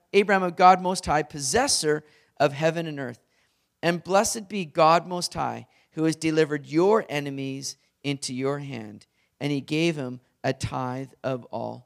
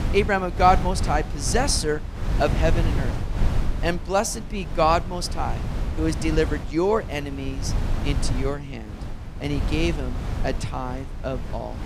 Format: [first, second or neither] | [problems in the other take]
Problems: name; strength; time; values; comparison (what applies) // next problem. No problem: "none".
first | wind noise on the microphone; occasional gusts; 10 dB below the speech